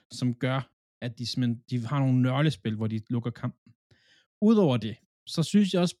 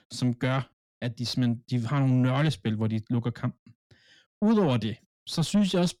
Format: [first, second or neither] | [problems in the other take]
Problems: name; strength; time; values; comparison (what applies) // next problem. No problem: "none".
first | distortion; slight; 10 dB below the speech